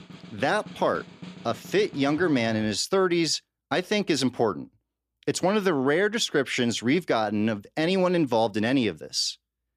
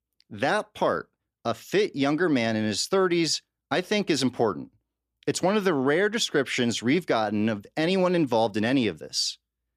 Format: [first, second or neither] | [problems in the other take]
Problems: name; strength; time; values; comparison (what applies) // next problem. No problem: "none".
second | background music; noticeable; until 2.5 s; 20 dB below the speech